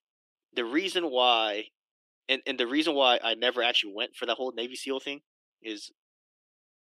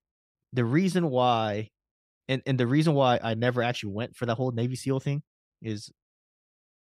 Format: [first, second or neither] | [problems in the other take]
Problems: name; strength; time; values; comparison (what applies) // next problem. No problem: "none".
second | thin; somewhat; fading below 300 Hz